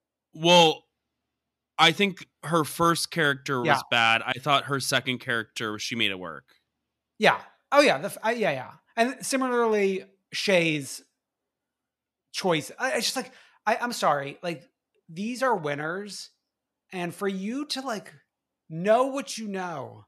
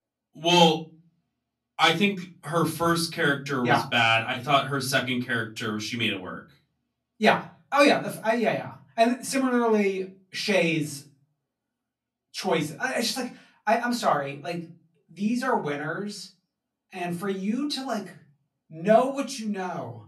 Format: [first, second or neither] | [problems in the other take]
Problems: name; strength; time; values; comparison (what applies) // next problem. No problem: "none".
first | off-mic speech; far // room echo; very slight; dies away in 0.3 s